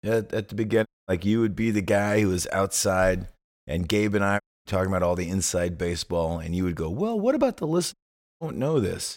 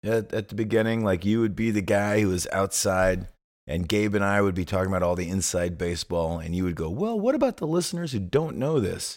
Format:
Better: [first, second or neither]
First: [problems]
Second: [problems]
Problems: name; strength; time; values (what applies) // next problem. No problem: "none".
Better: second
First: audio cutting out; at 1 s, at 4.5 s and at 8 s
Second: none